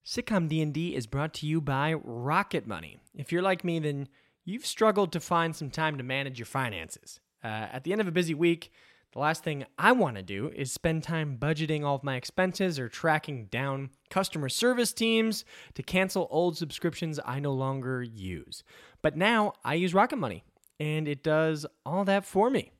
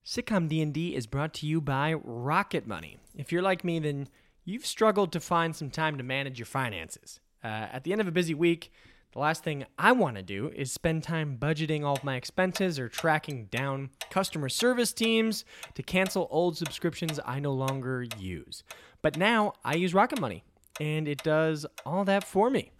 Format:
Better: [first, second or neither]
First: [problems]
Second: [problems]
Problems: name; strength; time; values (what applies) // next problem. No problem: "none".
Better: first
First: none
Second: household noises; noticeable; throughout; 15 dB below the speech